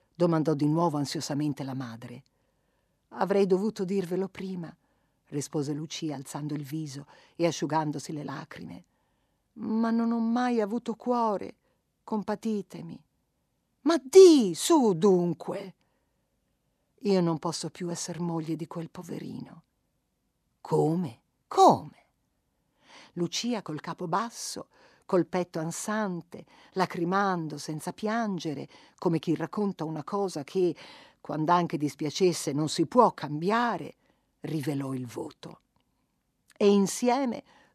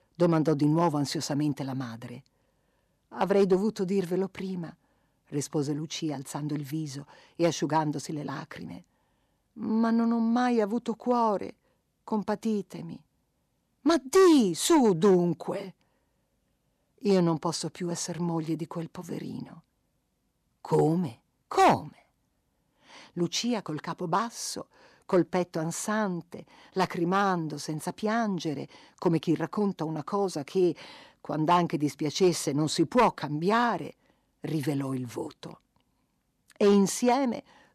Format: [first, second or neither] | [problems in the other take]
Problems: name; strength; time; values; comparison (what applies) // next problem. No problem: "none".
first | distortion; slight; 1.3% of the sound clipped